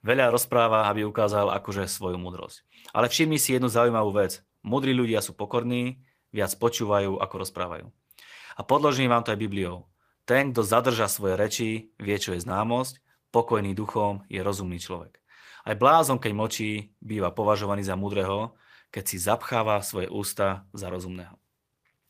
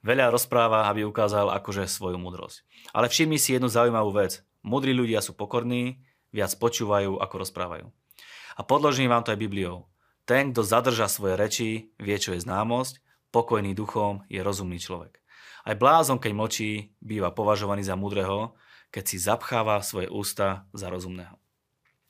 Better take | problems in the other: second | garbled, watery; slightly; nothing above 15 kHz

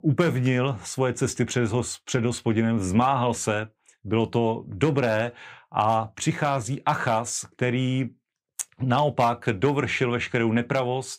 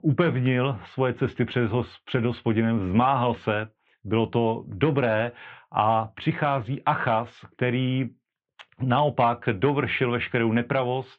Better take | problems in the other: first | muffled; very; fading above 3.5 kHz

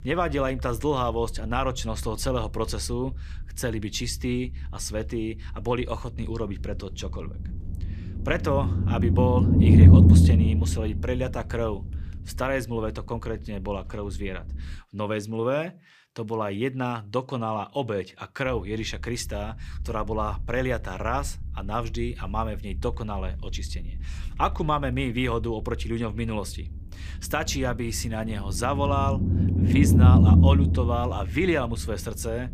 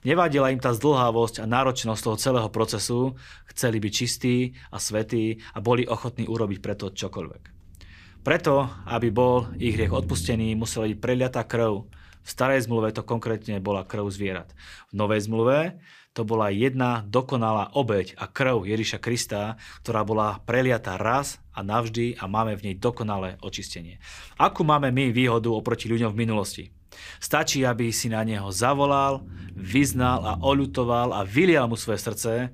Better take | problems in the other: second | low rumble; loud; until 15 s and from 18 s on; 1 dB below the speech; faint in the second

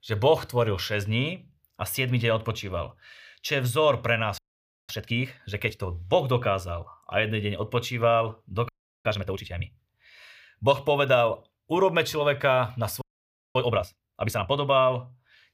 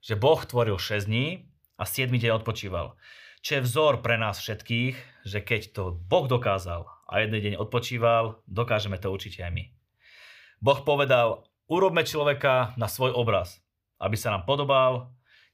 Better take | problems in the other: second | audio freezing; at 4.5 s for 0.5 s, at 8.5 s and at 13 s for 0.5 s

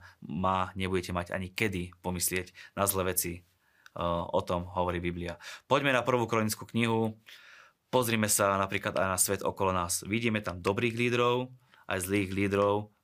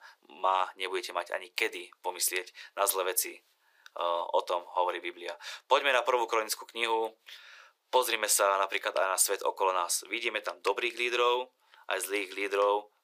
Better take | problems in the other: first | thin; very; fading below 400 Hz

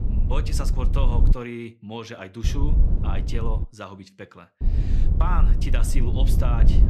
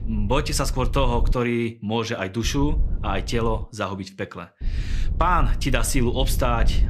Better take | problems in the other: second | low rumble; loud; until 1.5 s, from 2.5 to 3.5 s and from 4.5 s on; 5 dB below the speech; faint in the second

